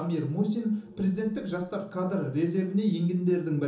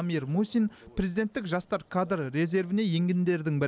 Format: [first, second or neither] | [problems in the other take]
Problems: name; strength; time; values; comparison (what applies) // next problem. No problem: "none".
second | room echo; dies away in 1.2 s